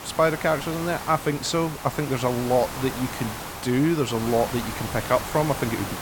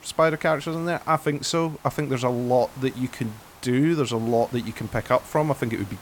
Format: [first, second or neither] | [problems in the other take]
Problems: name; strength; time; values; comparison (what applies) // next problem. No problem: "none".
second | hiss; loud; throughout; 8 dB below the speech; faint in the second